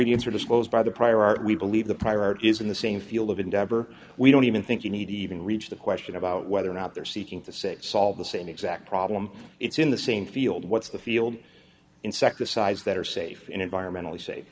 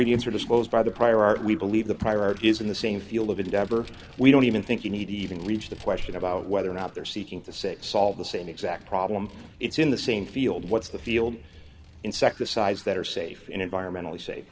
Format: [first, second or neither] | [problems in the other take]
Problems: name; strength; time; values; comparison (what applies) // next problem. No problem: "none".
first | background sound (Vehicle + Alarm / Insect); 19 dB below the speech